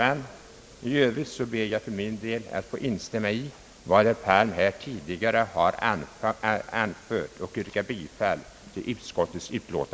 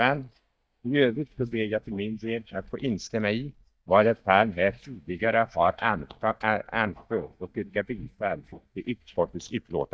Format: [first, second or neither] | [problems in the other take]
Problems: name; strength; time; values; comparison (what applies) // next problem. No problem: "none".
first | noise reduction (neural mask model DeepFilterNet 3)